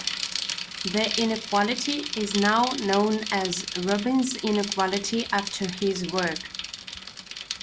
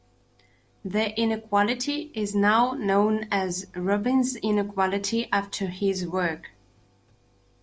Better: second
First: background sound (Bicycle); 7 dB below the speech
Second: none

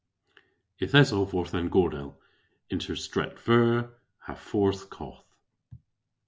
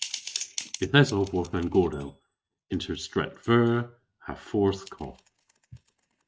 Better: first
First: none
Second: noise reduction (neural mask model RNNoise)

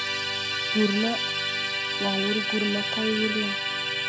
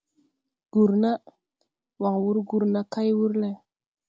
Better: second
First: background sound (Musical instrument); 2 dB above the speech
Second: none

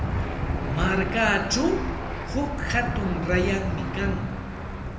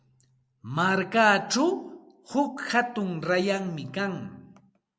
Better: second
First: background sound (Engine / Aircraft); 1 dB below the speech // room echo; dies away in 0.7 s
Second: none

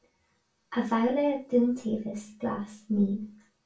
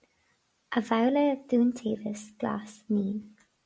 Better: second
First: room echo; dies away in 0.2 s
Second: none

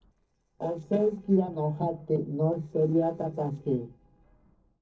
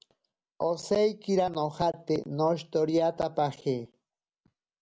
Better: second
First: noise reduction (neural separator model SepFormer DNS4)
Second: none

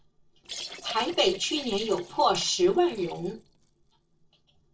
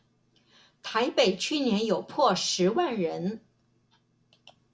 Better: second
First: noise reduction (neural separator model SepFormer DNS4)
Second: none

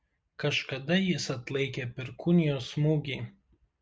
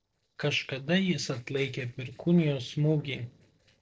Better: first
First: none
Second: noise reduction (neural separator model SepFormer DNS4)

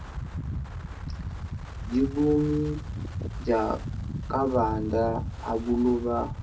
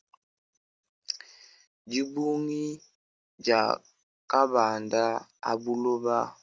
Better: second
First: background sound (Wind); 6 dB below the speech // room echo; dies away in 0.4 s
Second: none

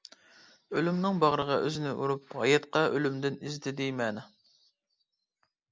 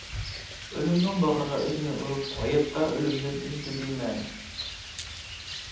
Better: first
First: none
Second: background sound (Rain); 9 dB below the speech // room echo; dies away in 0.8 s

